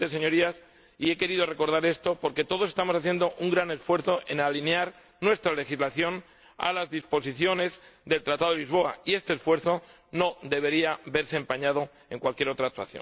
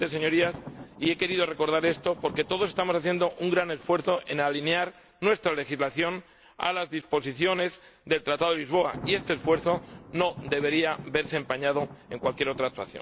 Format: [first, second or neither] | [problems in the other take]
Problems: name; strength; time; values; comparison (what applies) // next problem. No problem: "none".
first | background sound (Thunder); 17 dB below the speech